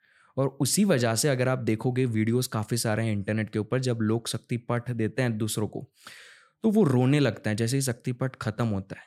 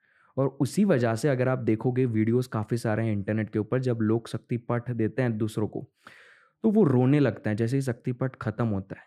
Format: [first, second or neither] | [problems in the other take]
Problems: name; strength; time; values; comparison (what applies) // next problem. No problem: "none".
first | muffled; slightly; fading above 3 kHz